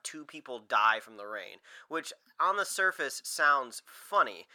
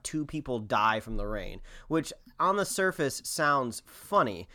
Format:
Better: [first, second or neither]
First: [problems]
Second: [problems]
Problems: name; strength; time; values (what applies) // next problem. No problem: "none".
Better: second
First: thin; very; fading below 550 Hz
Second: none